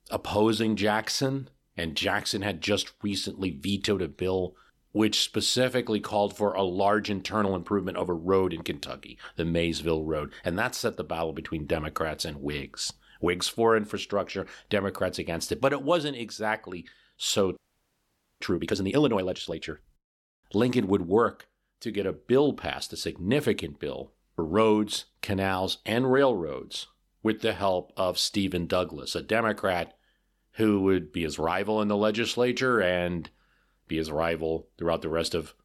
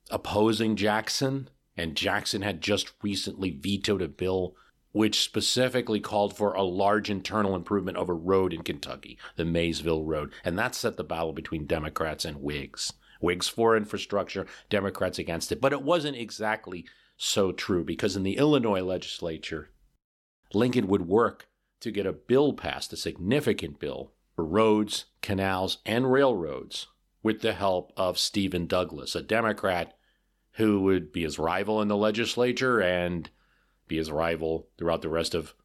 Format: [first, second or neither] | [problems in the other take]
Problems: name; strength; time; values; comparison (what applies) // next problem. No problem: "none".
second | audio freezing; at 18 s for 1 s